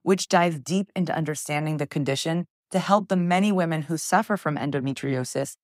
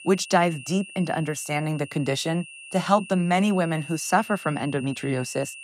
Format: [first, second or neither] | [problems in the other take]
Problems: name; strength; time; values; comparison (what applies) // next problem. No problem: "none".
first | high-pitched whine; noticeable; throughout; 2.5 kHz, 15 dB below the speech